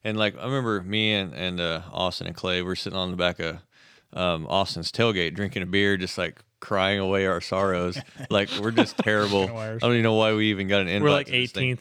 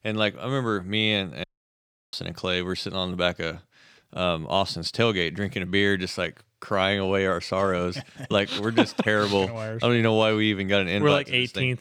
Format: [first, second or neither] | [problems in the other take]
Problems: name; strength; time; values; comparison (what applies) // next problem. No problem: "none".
first | audio cutting out; at 1.5 s for 0.5 s